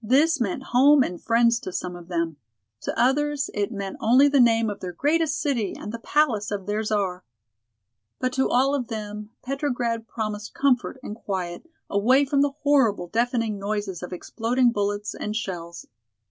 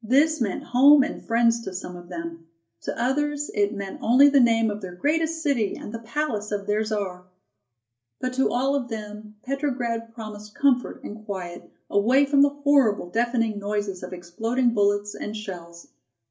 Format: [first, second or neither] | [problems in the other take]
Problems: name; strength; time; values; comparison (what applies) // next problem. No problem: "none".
first | room echo; dies away in 0.3 s